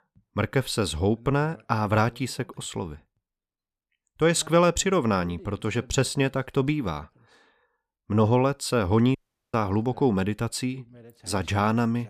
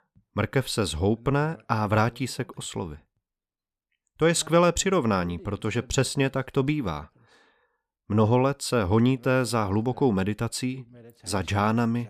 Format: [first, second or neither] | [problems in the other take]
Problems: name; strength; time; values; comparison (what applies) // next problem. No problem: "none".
second | audio cutting out; at 9 s